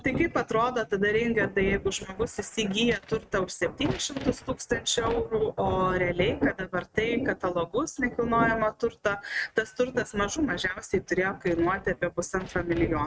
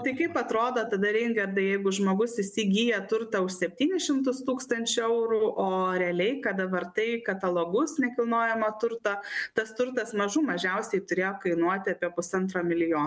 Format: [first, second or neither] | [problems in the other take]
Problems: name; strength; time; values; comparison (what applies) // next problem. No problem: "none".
second | noise reduction (neural mask model RNNoise)